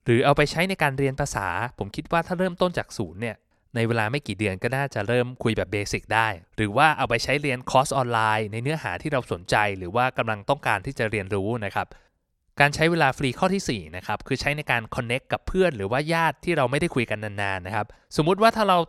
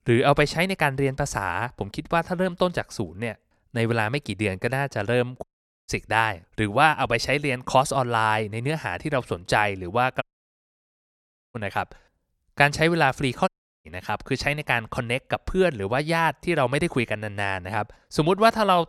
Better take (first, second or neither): first